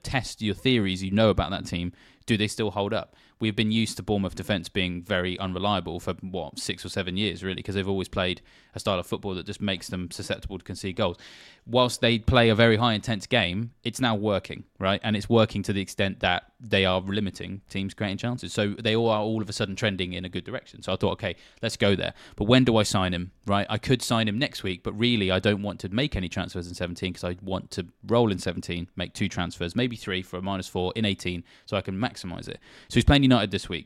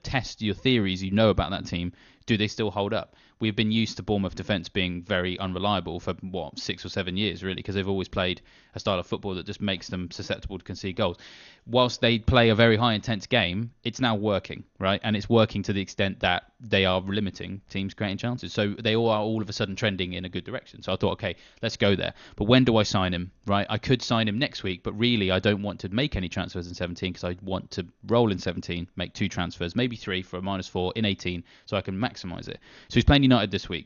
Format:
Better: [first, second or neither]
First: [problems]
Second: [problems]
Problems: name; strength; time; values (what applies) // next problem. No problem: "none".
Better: first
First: none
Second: garbled, watery; slightly; nothing above 6.5 kHz